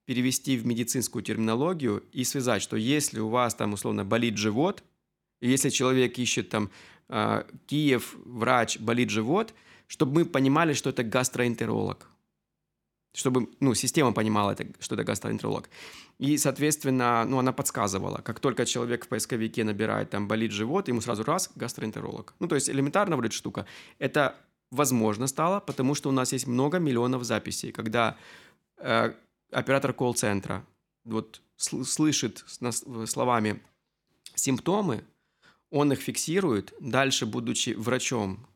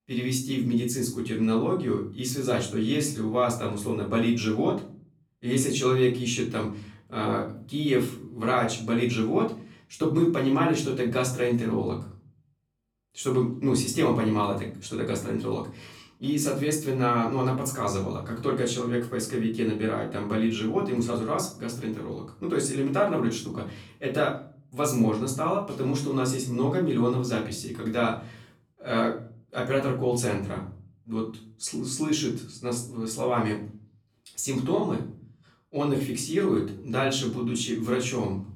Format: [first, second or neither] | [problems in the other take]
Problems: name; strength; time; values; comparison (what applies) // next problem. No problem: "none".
first | off-mic speech; far // room echo; slight; dies away in 0.4 s